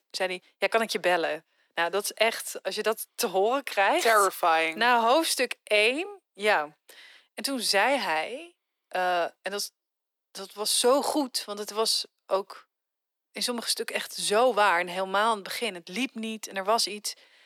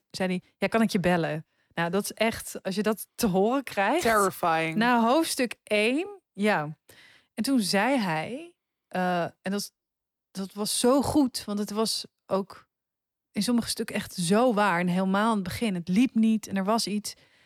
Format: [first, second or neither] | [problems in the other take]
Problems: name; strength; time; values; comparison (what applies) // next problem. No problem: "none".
second | thin; somewhat; fading below 400 Hz